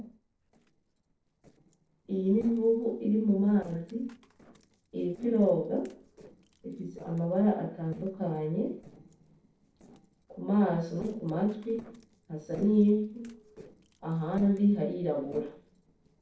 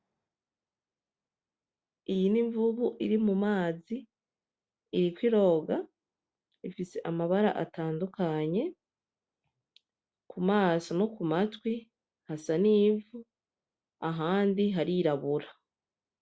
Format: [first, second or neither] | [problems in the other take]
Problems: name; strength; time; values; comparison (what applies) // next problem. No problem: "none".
second | noise reduction (neural separator model SepFormer DNS4)